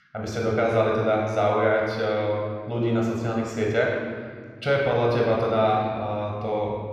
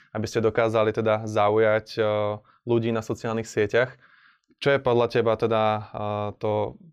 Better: second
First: off-mic speech; somewhat distant // room echo; noticeable; dies away in 1.8 s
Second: none

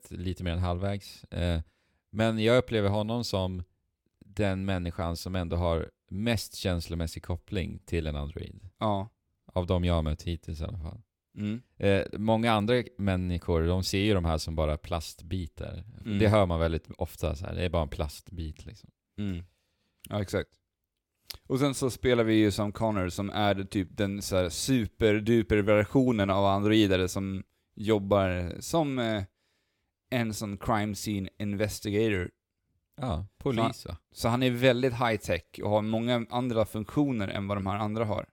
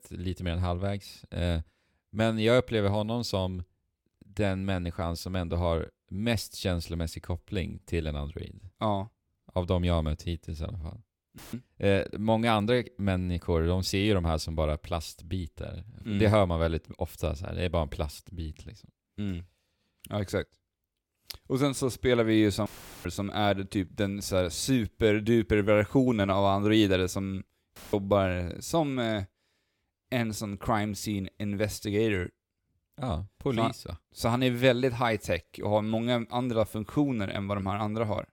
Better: first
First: none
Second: audio cutting out; filled with static; at 11 s, at 23 s and at 28 s

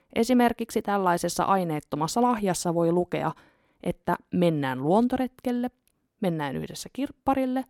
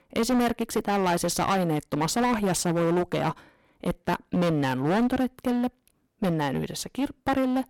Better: first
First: none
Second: distortion; heavy; 16% of the sound clipped

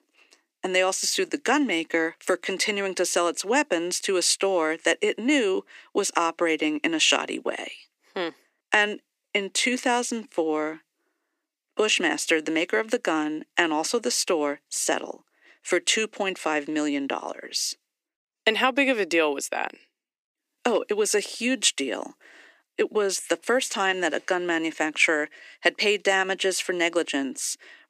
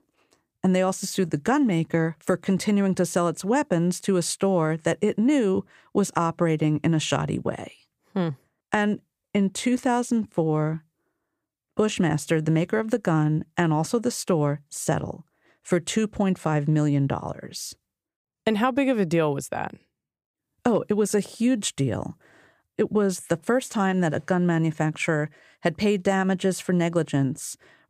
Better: second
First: thin; somewhat; fading below 250 Hz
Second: none

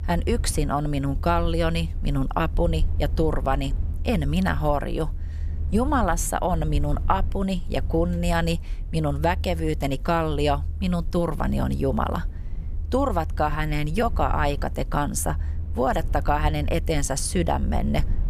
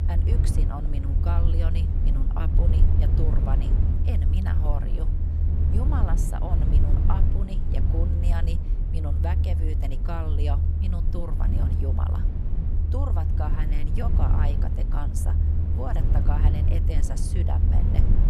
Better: first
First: low rumble; faint; throughout; 20 dB below the speech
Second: low rumble; loud; throughout; 1 dB below the speech

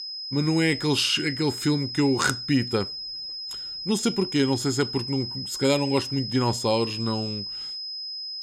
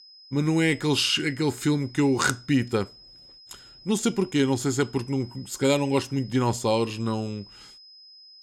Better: second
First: high-pitched whine; loud; throughout; 5 kHz, 6 dB below the speech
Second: high-pitched whine; faint; throughout; 5 kHz, 20 dB below the speech

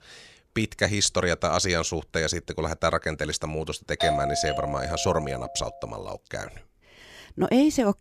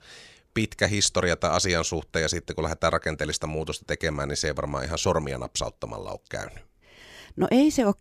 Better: second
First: doorbell; loud; from 4 to 5.5 s; peak 1 dB above the speech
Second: none

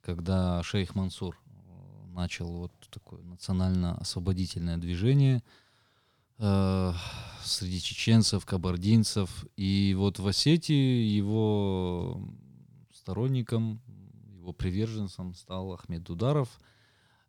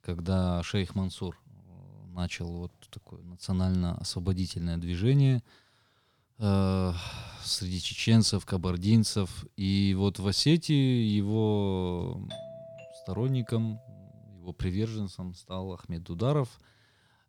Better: first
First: none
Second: doorbell; faint; from 12 to 14 s; peak 15 dB below the speech

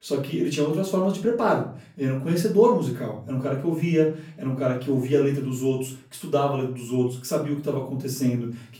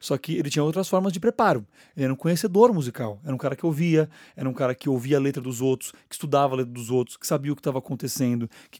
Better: second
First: off-mic speech; far // room echo; slight; dies away in 0.4 s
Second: none

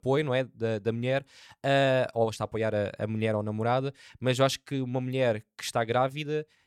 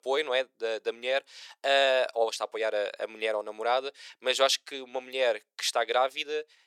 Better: first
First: none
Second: thin; very; fading below 400 Hz

